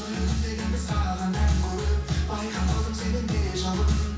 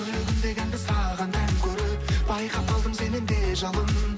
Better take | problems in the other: second | room echo; dies away in 0.6 s

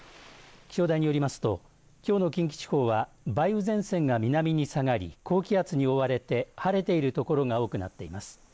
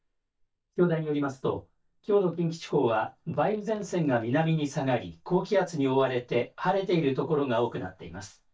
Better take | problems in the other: first | noise reduction (neural mask model DeepFilterNet 3)

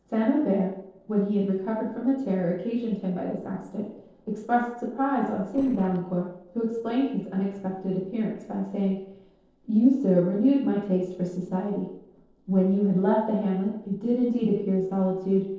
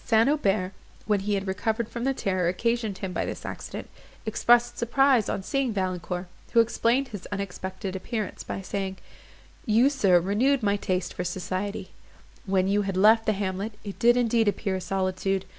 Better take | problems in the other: second | noise reduction (neural separator model SepFormer DNS4)

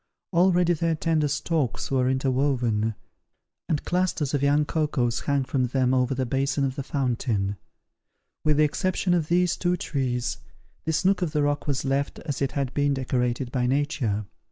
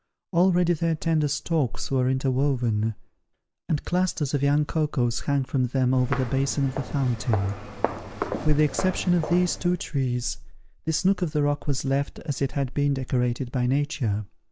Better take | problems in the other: first | background sound (Walk, footsteps); 8 dB below the speech

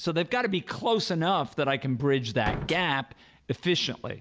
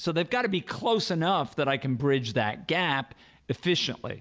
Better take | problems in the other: second | background sound (Slam); 5 dB below the speech

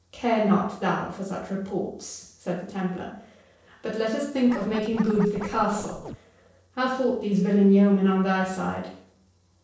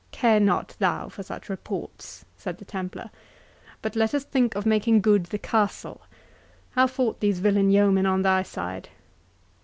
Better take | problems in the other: second | noise reduction (neural separator model SepFormer DNS4)

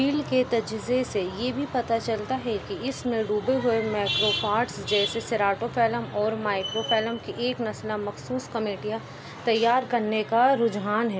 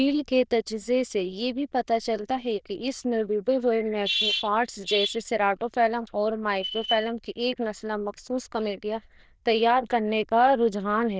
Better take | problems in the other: first | noise reduction (neural diffusion model UNIVERSE++)

